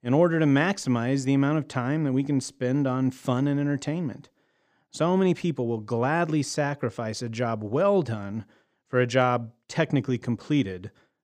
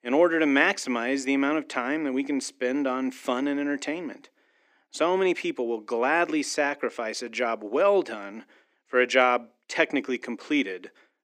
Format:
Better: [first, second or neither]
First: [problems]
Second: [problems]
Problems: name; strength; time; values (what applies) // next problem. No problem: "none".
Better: first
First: none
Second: thin; very slightly; fading below 250 Hz